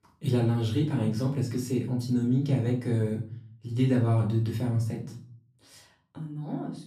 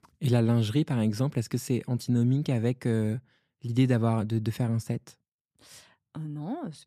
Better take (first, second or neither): second